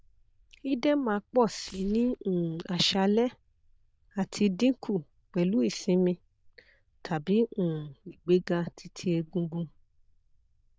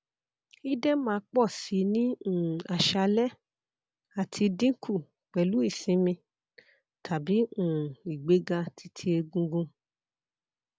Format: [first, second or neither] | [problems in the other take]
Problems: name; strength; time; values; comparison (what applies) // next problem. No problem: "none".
second | noise reduction (neural diffusion model UNIVERSE++)